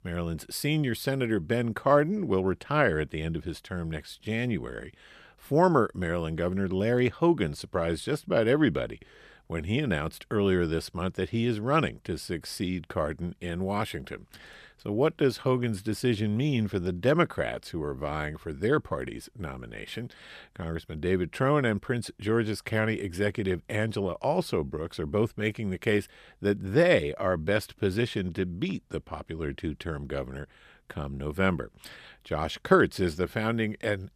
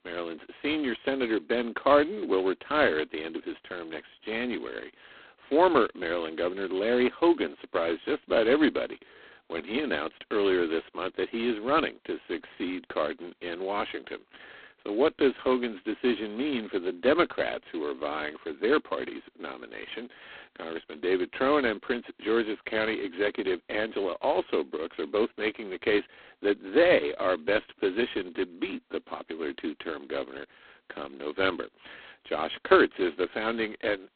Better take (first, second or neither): first